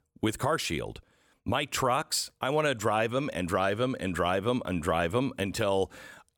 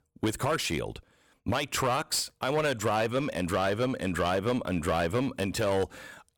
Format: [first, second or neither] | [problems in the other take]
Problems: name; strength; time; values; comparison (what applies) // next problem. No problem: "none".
first | distortion; slight; 9% of the sound clipped